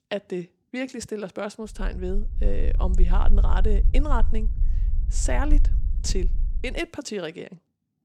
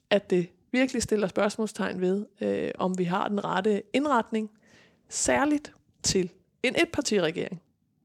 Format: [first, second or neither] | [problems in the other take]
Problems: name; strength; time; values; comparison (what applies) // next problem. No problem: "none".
second | low rumble; noticeable; from 2 to 6.5 s; 15 dB below the speech